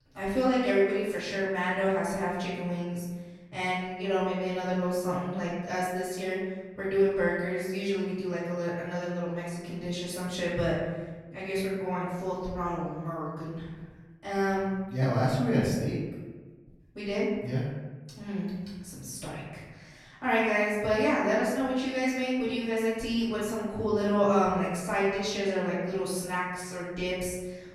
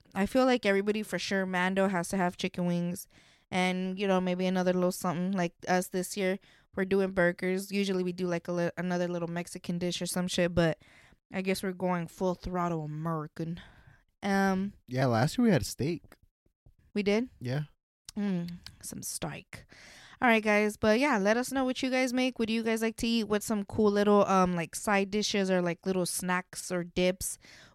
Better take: second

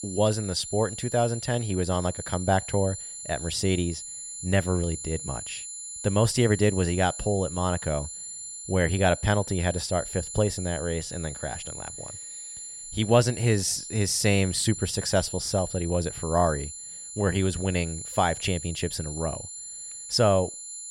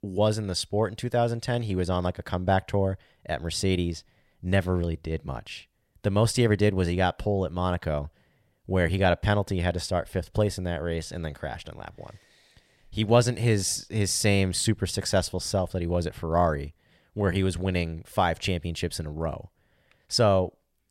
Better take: second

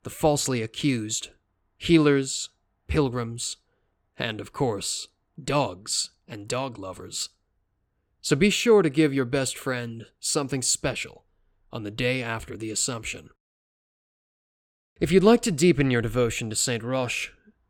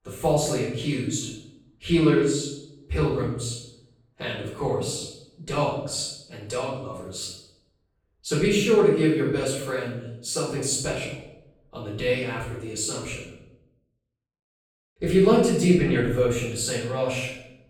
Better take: first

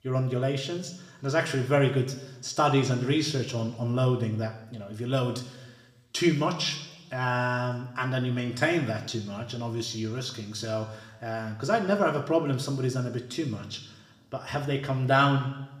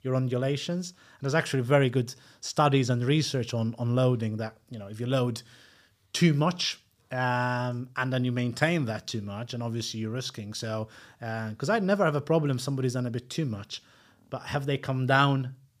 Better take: second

